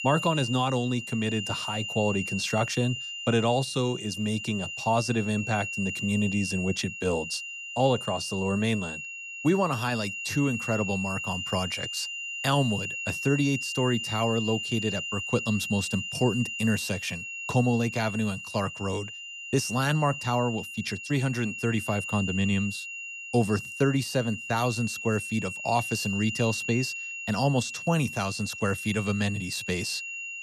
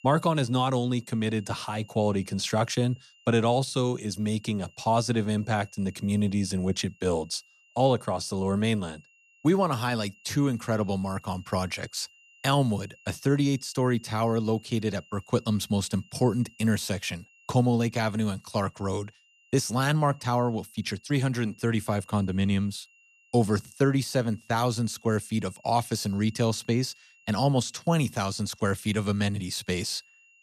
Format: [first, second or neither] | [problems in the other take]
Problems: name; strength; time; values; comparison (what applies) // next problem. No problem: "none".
second | high-pitched whine; loud; throughout; 3 kHz, 5 dB below the speech; faint in the second